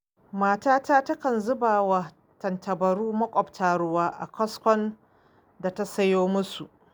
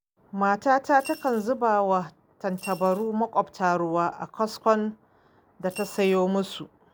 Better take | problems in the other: first | background sound (Coin (dropping) / Glass); 20 dB below the speech

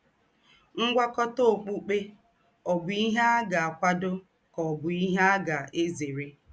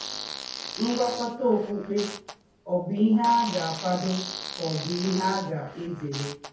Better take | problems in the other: first | background sound (Fart); 10 dB below the speech // room echo; dies away in 0.6 s

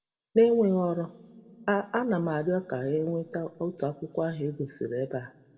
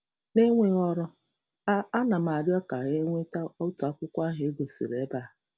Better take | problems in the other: second | room echo; dies away in 2.2 s

